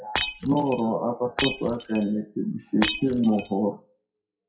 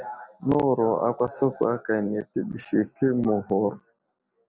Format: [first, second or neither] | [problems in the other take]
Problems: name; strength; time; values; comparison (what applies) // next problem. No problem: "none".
second | noise reduction (classical method WPE with log-MMSE)